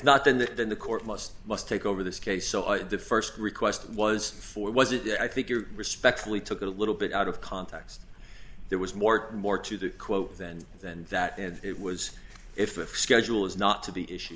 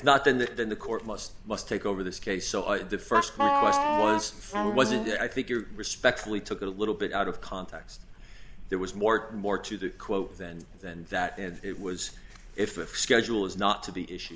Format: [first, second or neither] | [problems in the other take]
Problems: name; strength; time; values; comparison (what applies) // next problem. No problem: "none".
first | background sound (Wind instrument, woodwind instrument); 3 dB above the speech